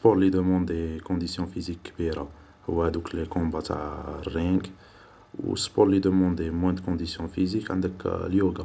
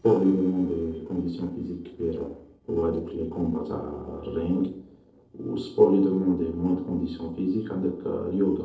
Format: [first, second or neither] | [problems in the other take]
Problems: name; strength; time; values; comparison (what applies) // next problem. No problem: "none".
first | noise reduction (neural separator model SepFormer DNS4)